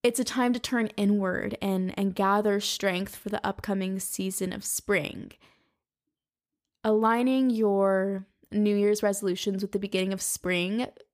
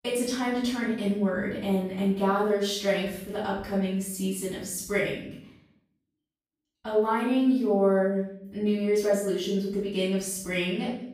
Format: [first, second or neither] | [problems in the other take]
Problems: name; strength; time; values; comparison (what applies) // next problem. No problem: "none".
first | off-mic speech; far // room echo; noticeable; dies away in 0.6 s